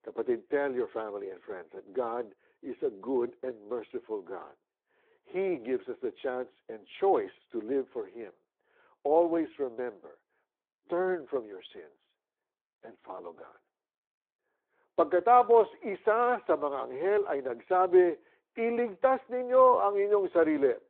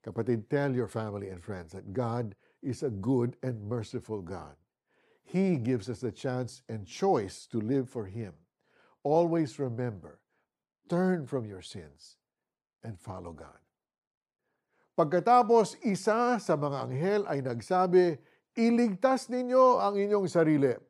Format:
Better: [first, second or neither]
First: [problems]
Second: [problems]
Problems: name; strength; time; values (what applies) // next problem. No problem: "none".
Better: second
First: phone-call audio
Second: none